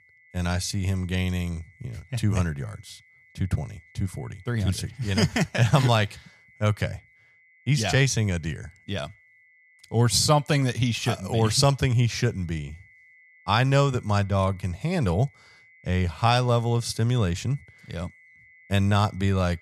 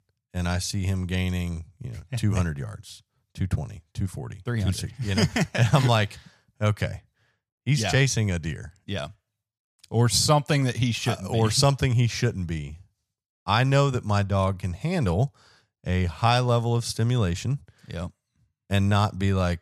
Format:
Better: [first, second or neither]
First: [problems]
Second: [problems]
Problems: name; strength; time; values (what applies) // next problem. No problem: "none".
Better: second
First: high-pitched whine; faint; throughout; 2 kHz, 30 dB below the speech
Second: none